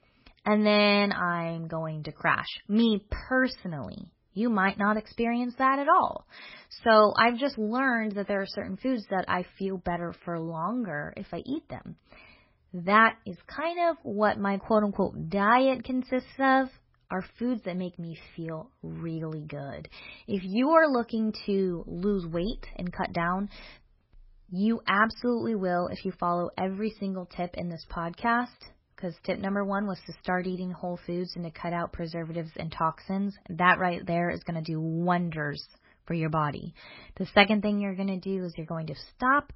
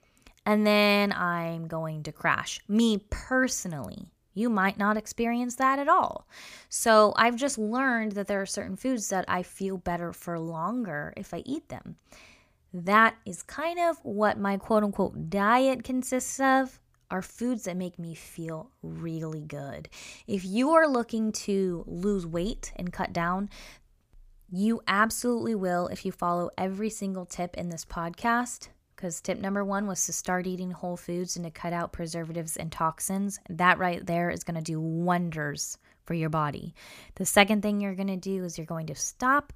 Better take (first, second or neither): second